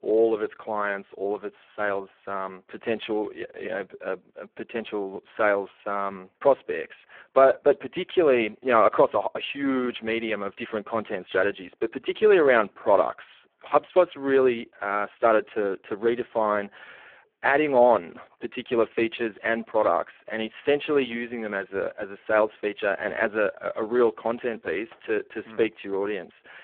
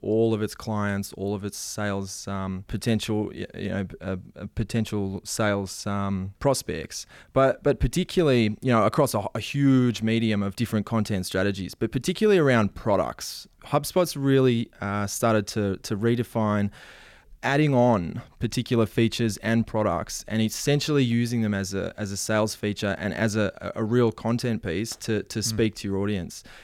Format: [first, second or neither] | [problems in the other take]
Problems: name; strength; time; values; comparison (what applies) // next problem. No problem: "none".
second | phone-call audio; poor line